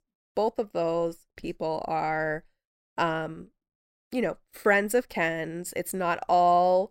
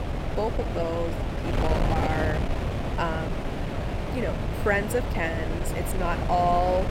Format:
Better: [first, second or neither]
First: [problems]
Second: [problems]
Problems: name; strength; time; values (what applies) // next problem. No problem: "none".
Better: first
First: none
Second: wind noise on the microphone; heavy; 5 dB below the speech